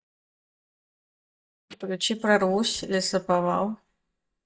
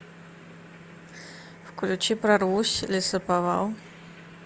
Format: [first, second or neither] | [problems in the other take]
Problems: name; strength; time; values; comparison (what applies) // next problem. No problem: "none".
second | noise reduction (neural mask model DeepFilterNet 3)